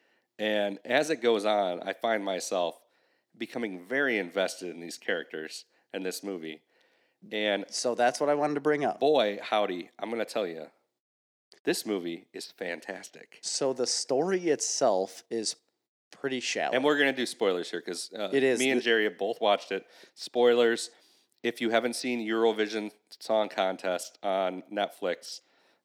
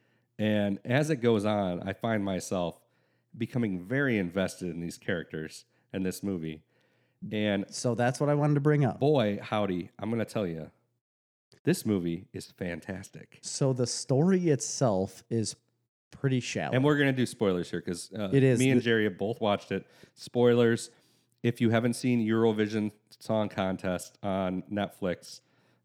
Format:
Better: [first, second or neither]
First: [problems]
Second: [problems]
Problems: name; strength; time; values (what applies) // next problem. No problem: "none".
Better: second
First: thin; somewhat; fading below 300 Hz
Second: none